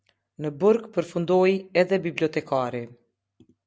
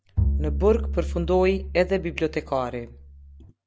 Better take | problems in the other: first | background sound (Bowed string instrument); 3 dB below the speech

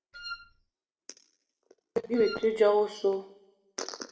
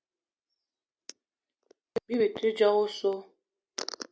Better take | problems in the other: second | background sound (Wind instrument, woodwind instrument); 13 dB below the speech // room echo; dies away in 0.7 s

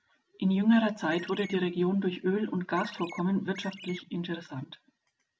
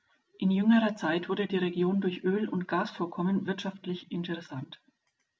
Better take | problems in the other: second | background sound (Chirp, tweet); 16 dB below the speech

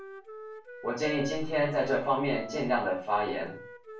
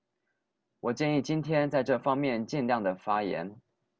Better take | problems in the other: second | background sound (Wind instrument, woodwind instrument); 13 dB below the speech // room echo; dies away in 0.3 s

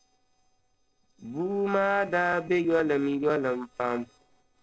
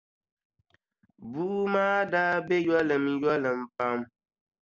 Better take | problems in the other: second | noise reduction (neural separator model SepFormer DNS4)

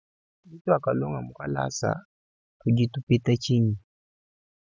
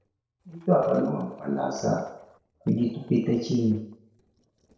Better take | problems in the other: first | noise reduction (neural separator model SepFormer DNS4)

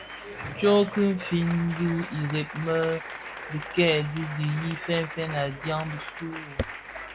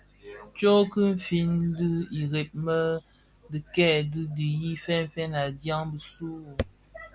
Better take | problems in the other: second | background sound (Applause); 11 dB below the speech

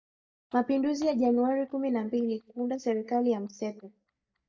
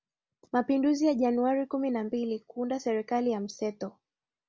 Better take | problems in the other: second | noise reduction (neural mask model DeepFilterNet 3)

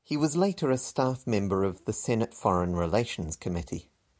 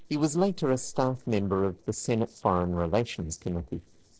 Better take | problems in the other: first | noise reduction (neural separator model SepFormer DNS4)

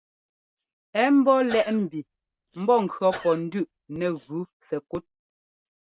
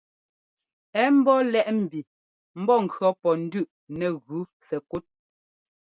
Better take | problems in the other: second | background sound (Sneeze / Cough); 18 dB below the speech

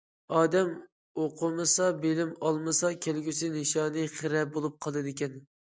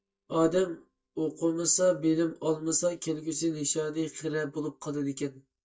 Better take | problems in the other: first | noise reduction (neural mask model DeepFilterNet 3)

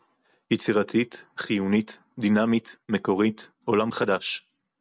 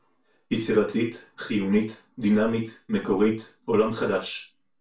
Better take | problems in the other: first | room echo; dies away in 0.2 s

